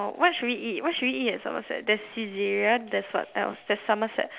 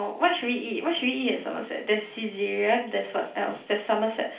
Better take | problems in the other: first | room echo; dies away in 0.4 s

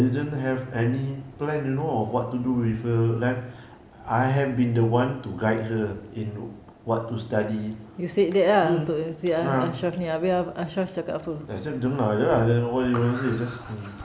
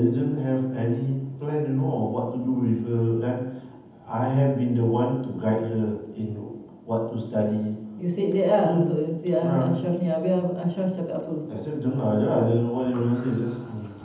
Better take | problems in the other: first | room echo; dies away in 0.8 s

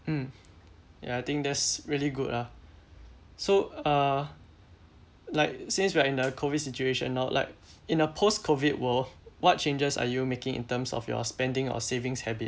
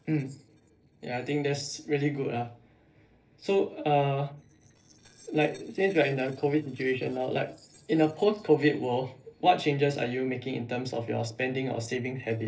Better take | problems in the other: first | noise reduction (neural separator model SepFormer DNS4)

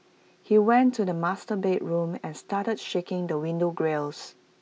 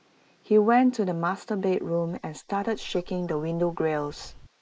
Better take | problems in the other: first | noise reduction (neural mask model Resemble Enhance denoiser)

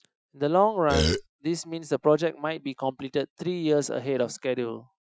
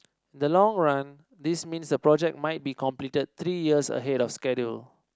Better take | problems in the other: second | noise reduction (classical method Wiener filter)

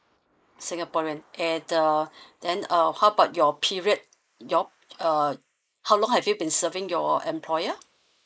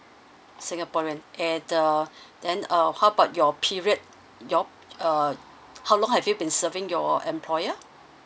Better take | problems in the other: second | noise reduction (neural mask model Resemble Enhance denoiser)

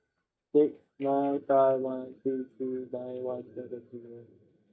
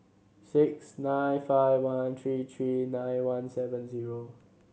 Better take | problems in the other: second | noise reduction (neural mask model DeepFilterNet 3)

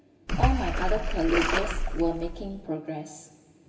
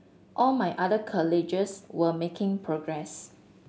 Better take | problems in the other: second | background sound (Splash, splatter); 4 dB above the speech // room echo; dies away in 1.3 s

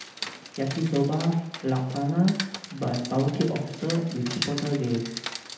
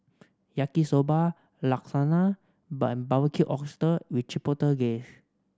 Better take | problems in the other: second | background sound (Rain); 11 dB below the speech // room echo; dies away in 0.8 s

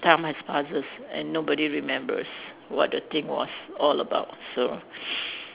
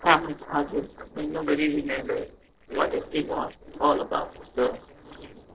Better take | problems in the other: first | noise reduction (neural separator model SepFormer DNS4)

